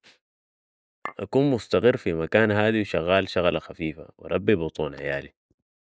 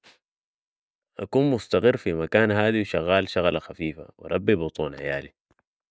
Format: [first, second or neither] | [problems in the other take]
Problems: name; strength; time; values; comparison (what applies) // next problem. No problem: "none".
second | noise reduction (neural mask model Resemble Enhance denoiser)